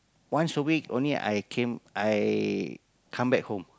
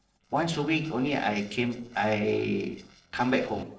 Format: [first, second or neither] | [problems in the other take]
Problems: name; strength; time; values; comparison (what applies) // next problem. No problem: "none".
first | noise reduction (neural separator model SepFormer DNS4)